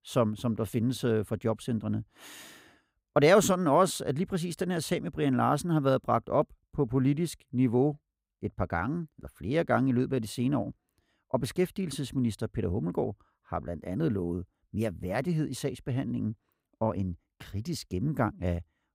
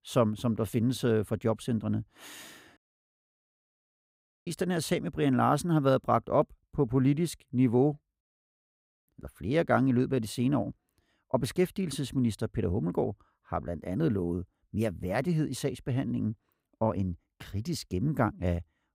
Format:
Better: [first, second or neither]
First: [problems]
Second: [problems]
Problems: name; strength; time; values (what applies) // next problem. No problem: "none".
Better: first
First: none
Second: audio cutting out; at 3 s for 1.5 s and at 8 s for 1 s